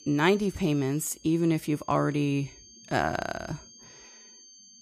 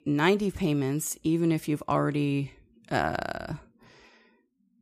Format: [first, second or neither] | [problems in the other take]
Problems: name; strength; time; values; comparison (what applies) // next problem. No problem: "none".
second | high-pitched whine; faint; throughout; 6.5 kHz, 20 dB below the speech